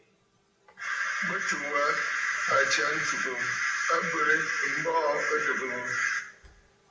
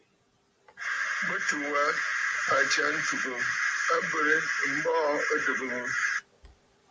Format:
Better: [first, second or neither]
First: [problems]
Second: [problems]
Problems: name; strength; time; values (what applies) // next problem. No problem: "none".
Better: second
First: room echo; dies away in 0.6 s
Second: none